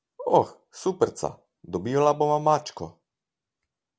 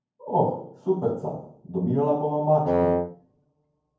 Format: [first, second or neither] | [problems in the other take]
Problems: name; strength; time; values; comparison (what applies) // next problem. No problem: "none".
first | background sound (Wind instrument, woodwind instrument); 2 dB above the speech // room echo; dies away in 0.9 s